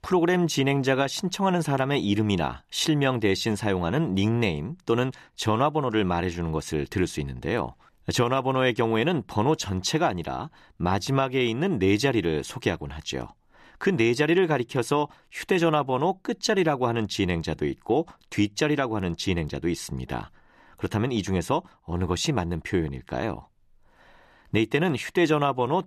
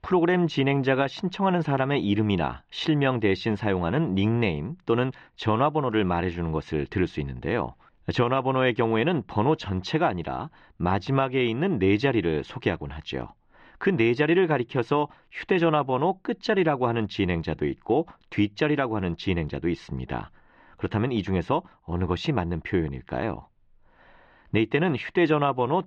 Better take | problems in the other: first | muffled; slightly; fading above 3.5 kHz

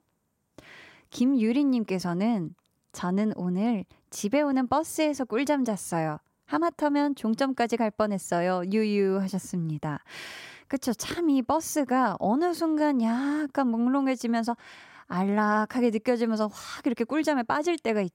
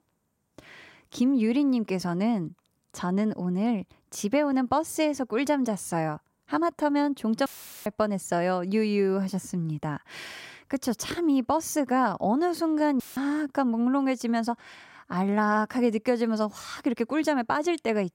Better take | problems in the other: first | audio cutting out; filled with static; at 7.5 s and at 13 s

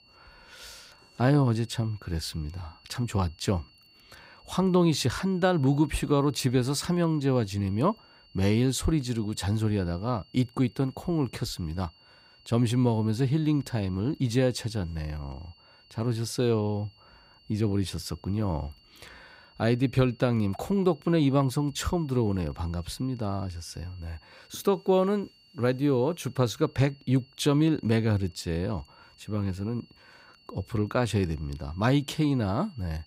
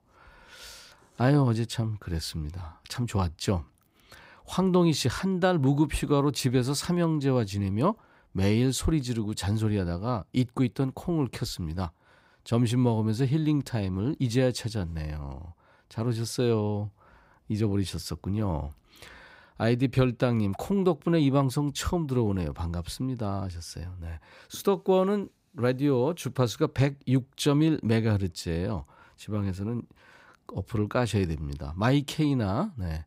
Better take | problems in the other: second | high-pitched whine; faint; throughout; 4.5 kHz, 30 dB below the speech

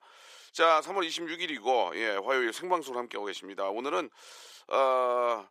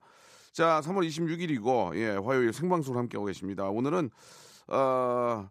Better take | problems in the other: second | thin; very; fading below 450 Hz

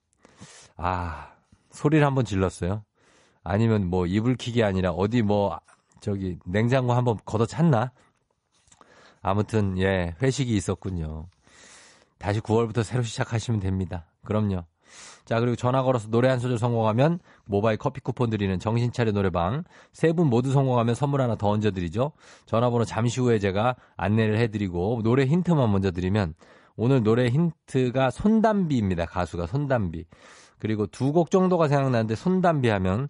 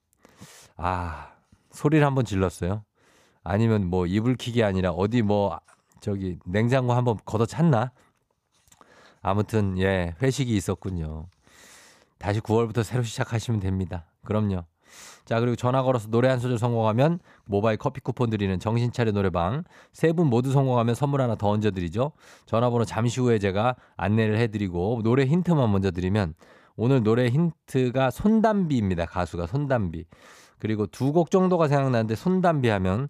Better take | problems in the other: second | garbled, watery; slightly; nothing above 10.5 kHz

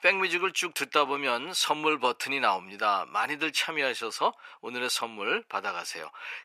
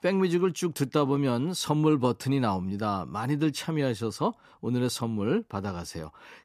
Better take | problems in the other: second | thin; very; fading below 700 Hz

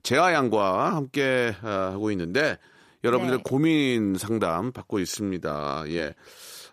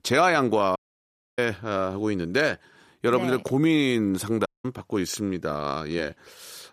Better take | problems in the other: first | audio cutting out; at 1 s for 0.5 s and at 4.5 s

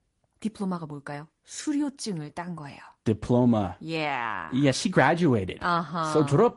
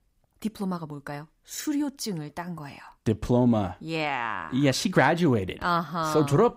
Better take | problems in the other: second | garbled, watery; slightly; nothing above 11 kHz

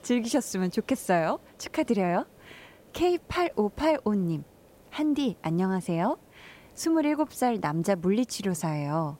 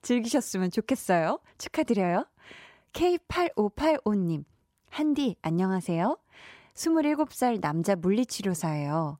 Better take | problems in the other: second | hiss; faint; throughout; 30 dB below the speech

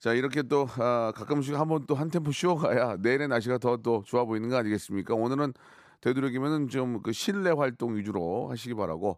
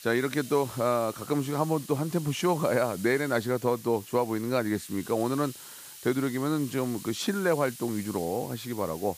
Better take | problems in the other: first | hiss; noticeable; throughout; 15 dB below the speech

